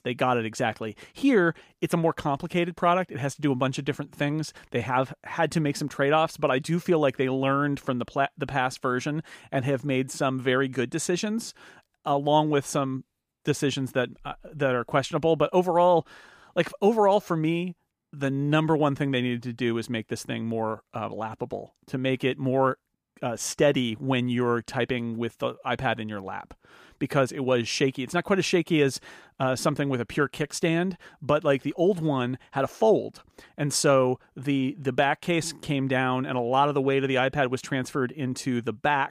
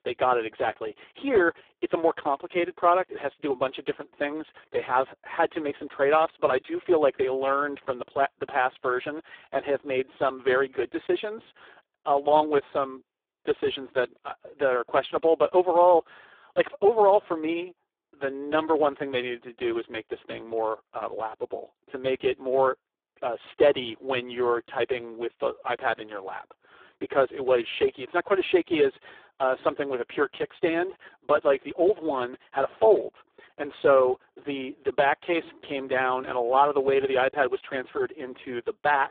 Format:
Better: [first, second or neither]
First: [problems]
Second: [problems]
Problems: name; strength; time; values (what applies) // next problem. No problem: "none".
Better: first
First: none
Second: phone-call audio; poor line